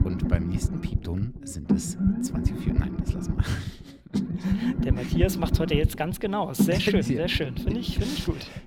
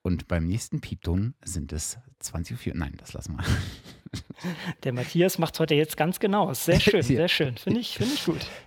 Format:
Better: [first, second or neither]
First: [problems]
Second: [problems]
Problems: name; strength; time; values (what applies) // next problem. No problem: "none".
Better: second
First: low rumble; loud; throughout; 5 dB below the speech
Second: none